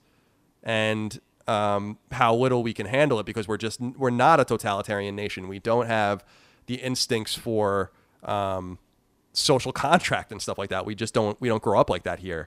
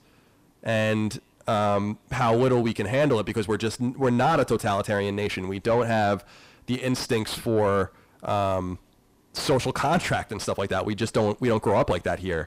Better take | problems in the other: first | distortion; heavy; 7 dB below the speech

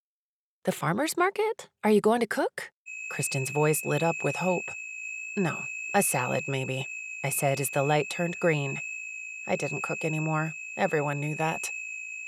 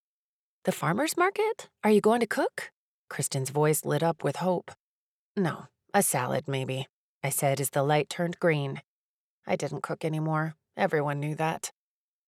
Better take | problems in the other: second | high-pitched whine; loud; from 3 s on; 2.5 kHz, 6 dB below the speech

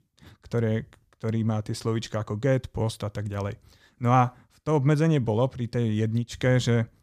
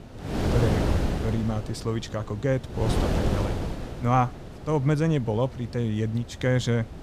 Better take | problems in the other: first | wind noise on the microphone; heavy; 3 dB below the speech

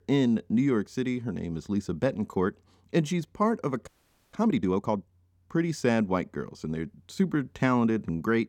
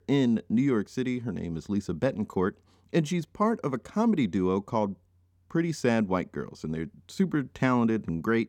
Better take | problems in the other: second | audio freezing; at 4 s

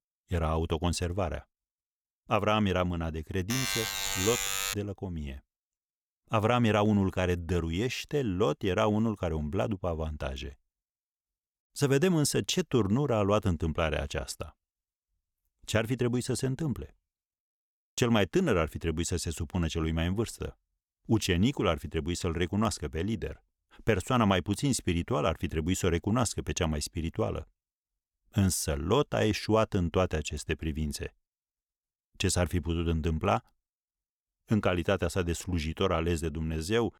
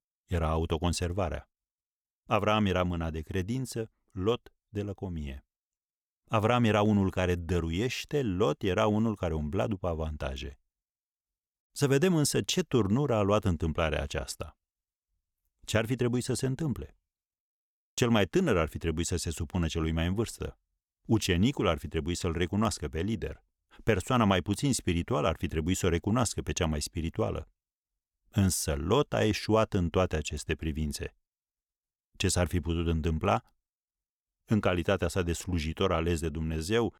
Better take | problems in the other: second | alarm; loud; from 3.5 to 4.5 s; peak 1 dB above the speech

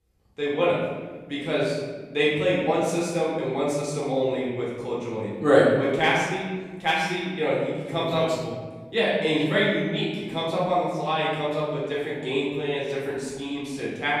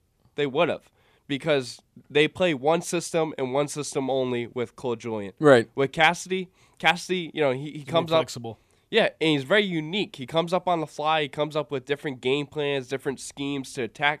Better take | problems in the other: second | room echo; noticeable; dies away in 1.3 s // off-mic speech; far

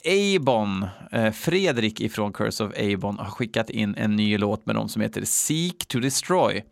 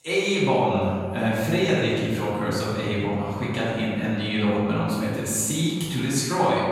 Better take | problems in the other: first | room echo; strong; dies away in 1.7 s // off-mic speech; far

